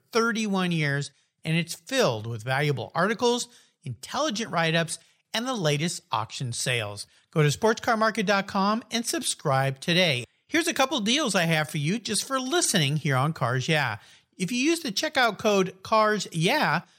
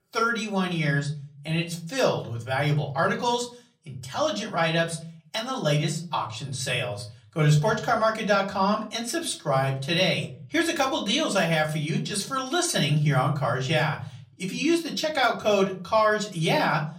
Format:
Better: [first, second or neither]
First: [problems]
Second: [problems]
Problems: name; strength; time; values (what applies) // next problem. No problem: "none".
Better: first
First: none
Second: off-mic speech; far // room echo; very slight; dies away in 0.5 s